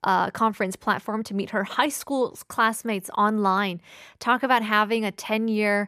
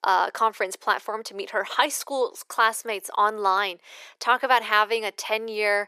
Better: first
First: none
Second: thin; very; fading below 400 Hz

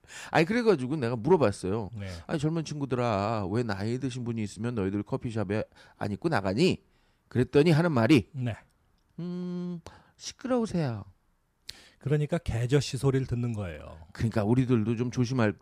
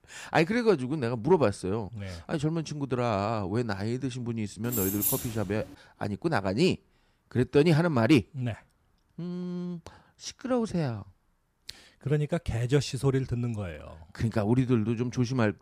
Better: first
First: none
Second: jangling keys; loud; at 4.5 s; peak 1 dB above the speech

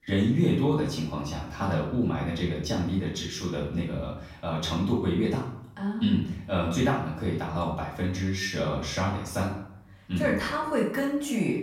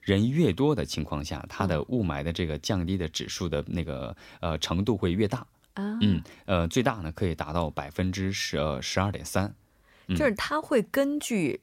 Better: second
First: off-mic speech; far // room echo; noticeable; dies away in 0.6 s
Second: none

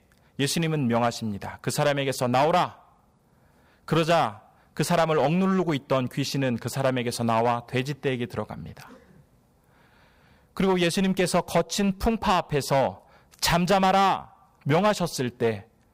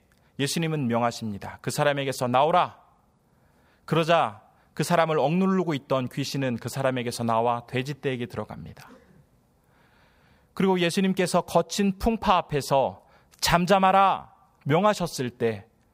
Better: second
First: distortion; slight; 6% of the sound clipped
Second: none

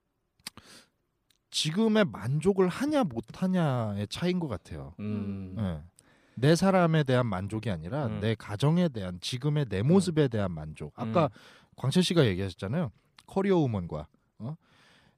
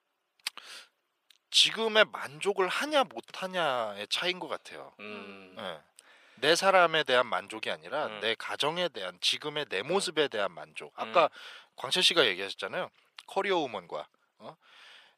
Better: first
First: none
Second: thin; very; fading below 650 Hz

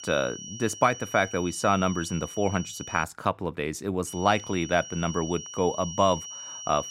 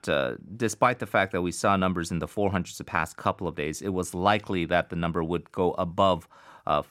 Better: second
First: high-pitched whine; noticeable; until 3 s and from 4 s on; 5.5 kHz, 10 dB below the speech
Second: none

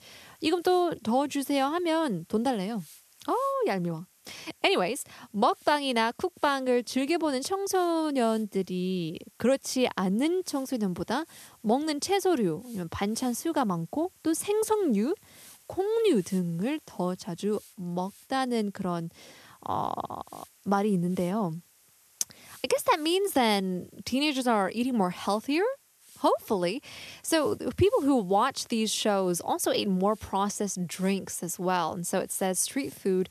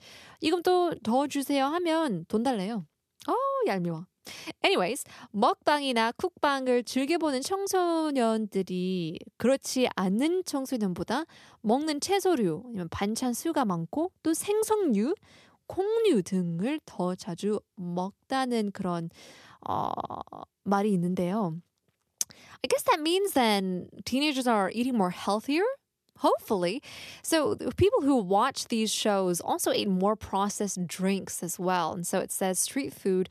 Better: second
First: hiss; faint; throughout; 25 dB below the speech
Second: none

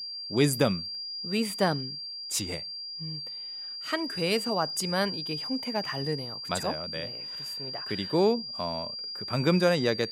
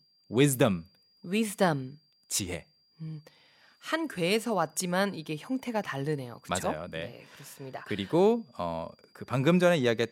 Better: second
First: high-pitched whine; loud; throughout; 5 kHz, 5 dB below the speech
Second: high-pitched whine; faint; throughout; 5 kHz, 35 dB below the speech

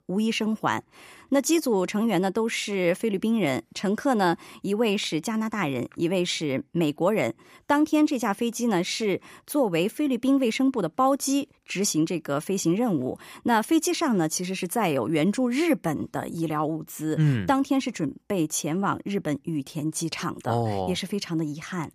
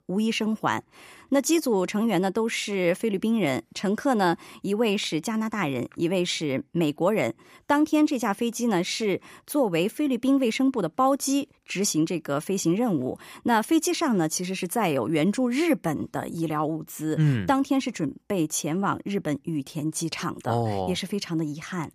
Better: neither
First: none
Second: none

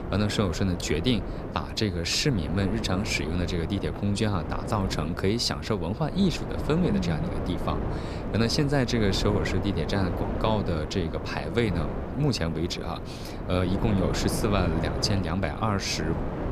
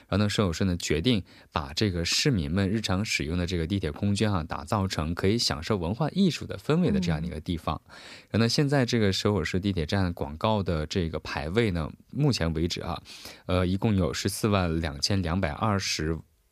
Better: second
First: wind noise on the microphone; heavy; 7 dB below the speech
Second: none

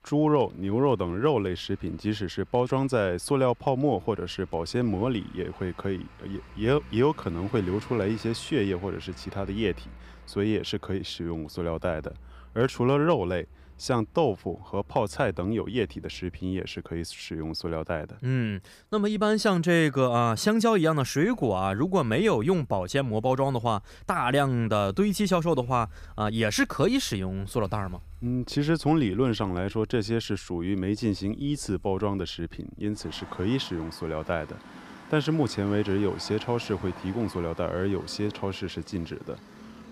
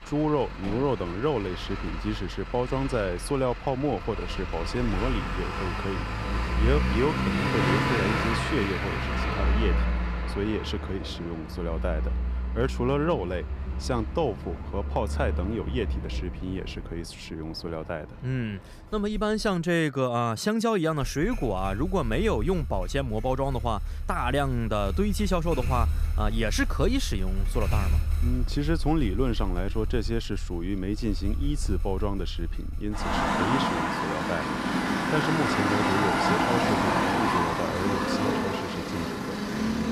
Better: first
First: traffic noise; faint; throughout; 20 dB below the speech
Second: traffic noise; loud; throughout; as loud as the speech

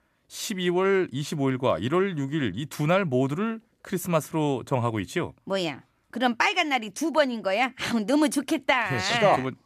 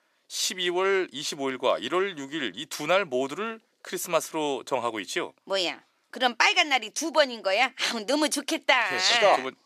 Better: first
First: none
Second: thin; somewhat; fading below 450 Hz

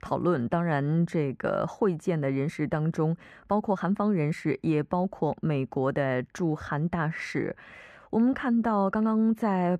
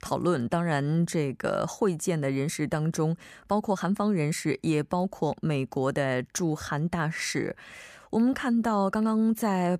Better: second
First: muffled; slightly; fading above 4 kHz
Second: none

